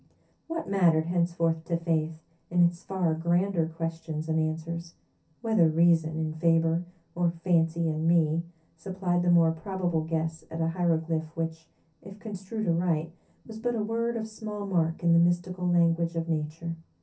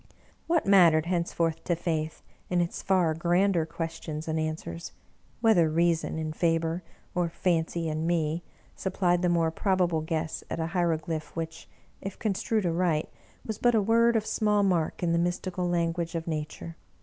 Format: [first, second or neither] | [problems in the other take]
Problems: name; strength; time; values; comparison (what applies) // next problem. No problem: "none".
second | room echo; dies away in 0.3 s